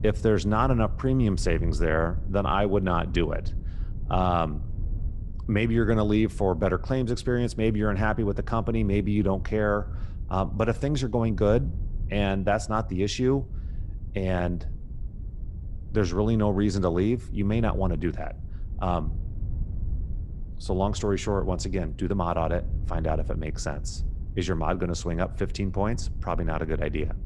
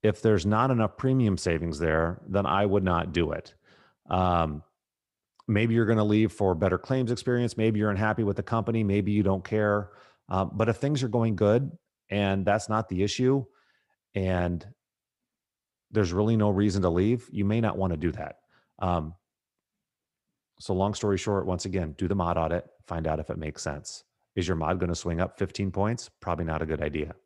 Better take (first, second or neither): second